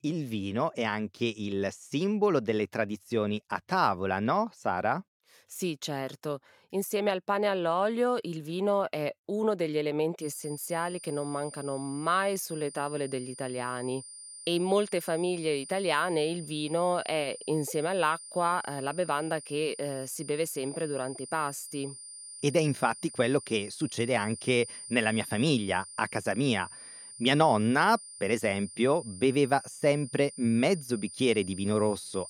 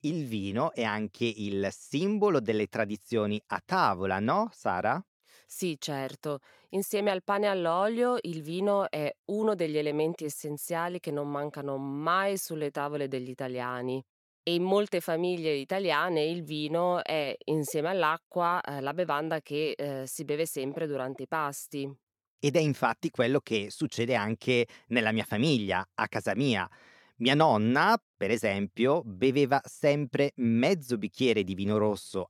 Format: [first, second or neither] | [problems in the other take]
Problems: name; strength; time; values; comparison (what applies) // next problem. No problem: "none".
second | high-pitched whine; noticeable; from 10 s on; 9 kHz, 15 dB below the speech